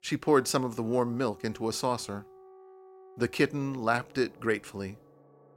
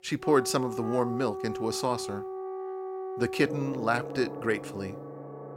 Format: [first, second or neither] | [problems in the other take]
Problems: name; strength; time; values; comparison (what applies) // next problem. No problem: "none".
first | background music; loud; throughout; 8 dB below the speech; faint in the first